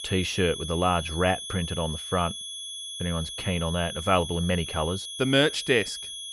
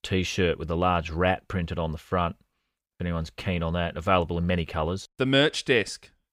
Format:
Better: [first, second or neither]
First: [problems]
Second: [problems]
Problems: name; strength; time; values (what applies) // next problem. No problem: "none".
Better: second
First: high-pitched whine; loud; throughout; 3.5 kHz, 8 dB below the speech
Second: none